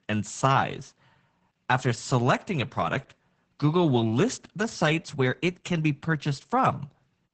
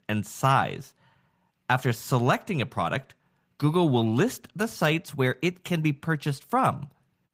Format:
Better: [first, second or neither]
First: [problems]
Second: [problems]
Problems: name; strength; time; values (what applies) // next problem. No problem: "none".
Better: second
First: garbled, watery; badly; nothing above 8 kHz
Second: garbled, watery; slightly; nothing above 15.5 kHz